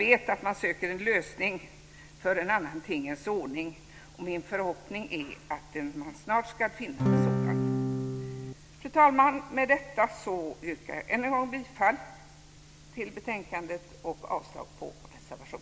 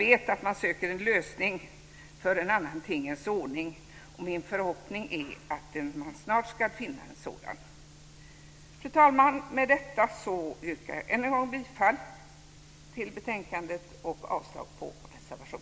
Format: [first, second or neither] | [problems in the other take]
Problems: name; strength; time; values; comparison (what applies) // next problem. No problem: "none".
second | background sound (Acoustic guitar / Strum); 3 dB above the speech